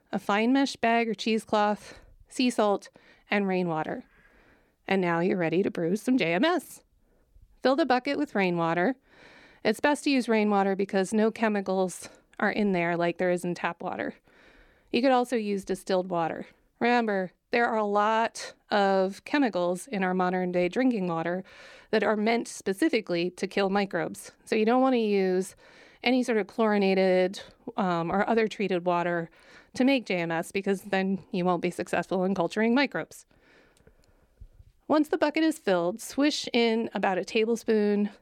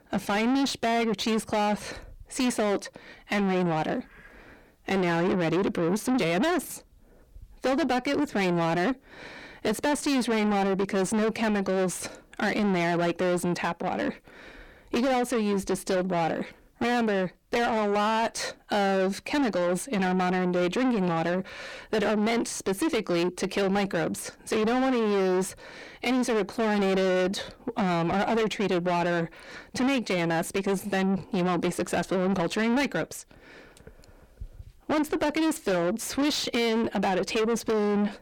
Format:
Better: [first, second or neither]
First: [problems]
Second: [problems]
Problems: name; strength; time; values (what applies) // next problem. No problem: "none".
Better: first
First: none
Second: distortion; heavy; 6 dB below the speech